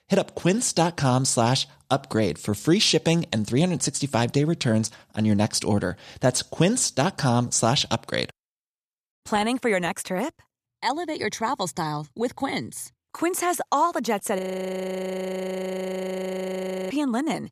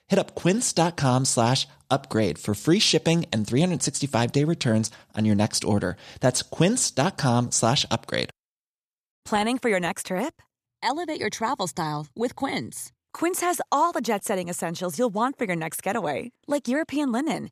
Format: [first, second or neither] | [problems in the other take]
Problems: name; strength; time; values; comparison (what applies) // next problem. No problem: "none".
second | audio freezing; at 14 s for 2.5 s